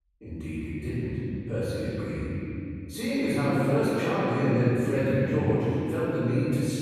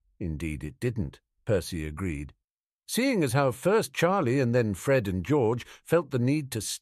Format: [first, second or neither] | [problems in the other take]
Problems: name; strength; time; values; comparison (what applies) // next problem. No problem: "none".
second | off-mic speech; far // room echo; strong; dies away in 3 s